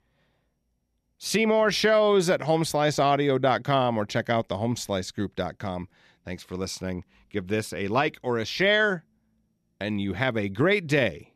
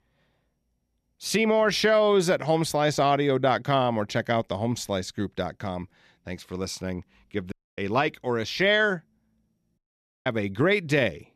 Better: first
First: none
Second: audio cutting out; at 7.5 s and at 10 s

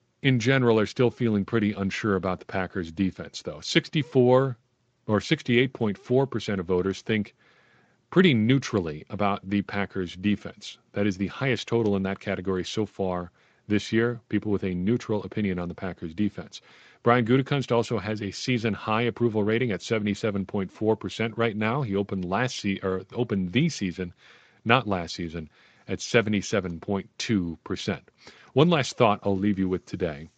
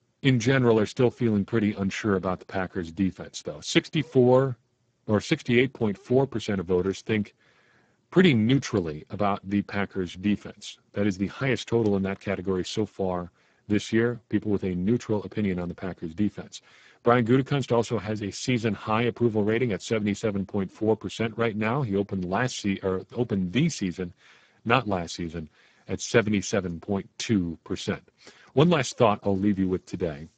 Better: first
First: garbled, watery; slightly; nothing above 7.5 kHz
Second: garbled, watery; badly; nothing above 7.5 kHz

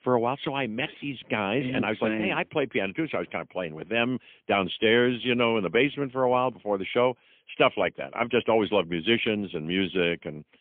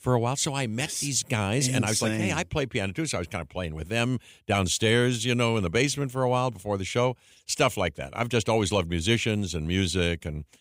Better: second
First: phone-call audio; poor line; nothing above 3.5 kHz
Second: none

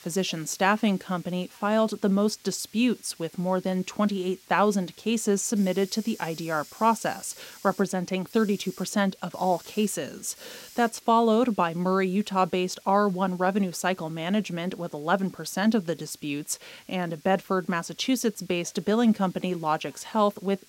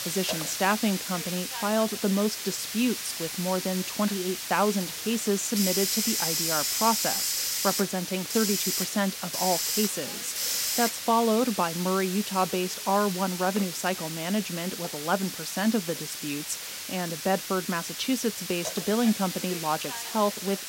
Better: first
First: hiss; faint; throughout; 25 dB below the speech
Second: hiss; loud; throughout; 2 dB below the speech

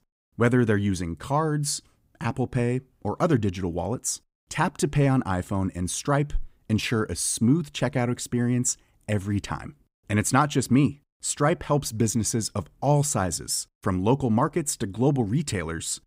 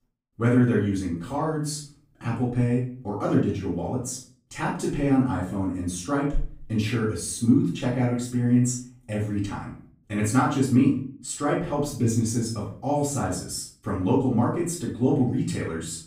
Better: first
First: none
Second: room echo; noticeable; dies away in 0.4 s // off-mic speech; far

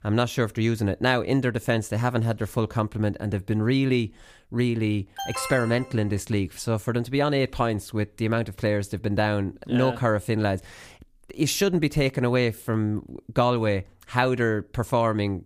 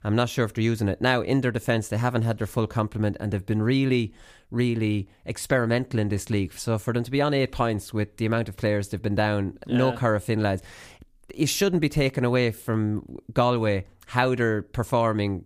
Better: second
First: alarm; noticeable; at 5 s; peak 6 dB below the speech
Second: none

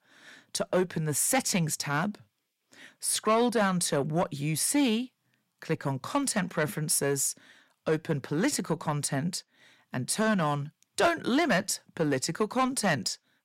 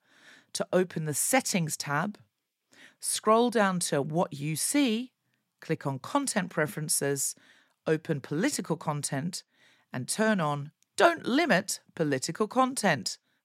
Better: second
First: distortion; slight; 10 dB below the speech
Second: none

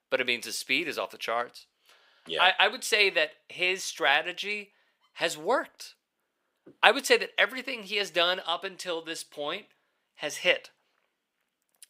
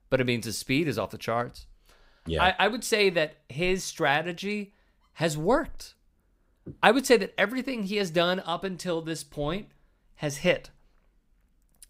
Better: second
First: thin; somewhat; fading below 450 Hz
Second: none

